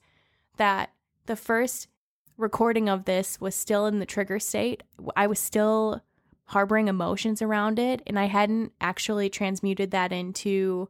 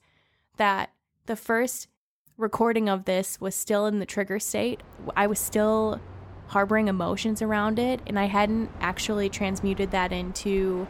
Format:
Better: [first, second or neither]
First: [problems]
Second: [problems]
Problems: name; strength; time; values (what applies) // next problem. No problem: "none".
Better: first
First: none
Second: train or aircraft noise; noticeable; from 5 s on; 15 dB below the speech